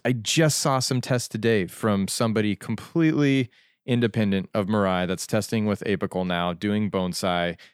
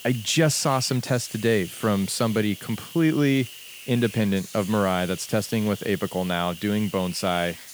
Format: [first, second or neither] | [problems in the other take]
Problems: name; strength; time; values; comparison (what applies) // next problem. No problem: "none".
first | hiss; noticeable; throughout; 15 dB below the speech